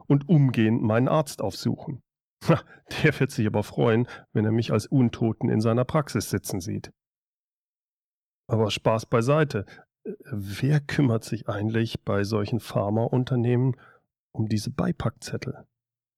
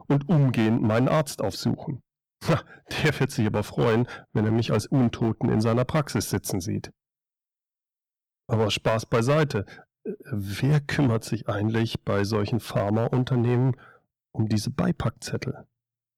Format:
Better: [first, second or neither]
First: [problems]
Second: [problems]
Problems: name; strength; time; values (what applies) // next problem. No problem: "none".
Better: first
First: none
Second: distortion; slight; 7% of the sound clipped